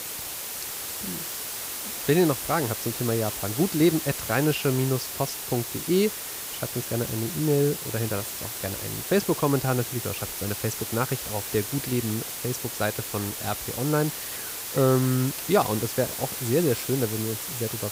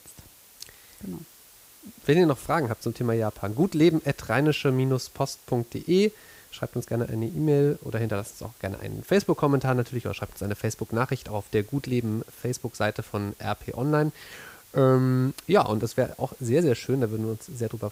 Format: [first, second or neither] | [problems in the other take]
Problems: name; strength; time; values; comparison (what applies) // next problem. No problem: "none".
second | hiss; loud; throughout; 4 dB below the speech; faint in the second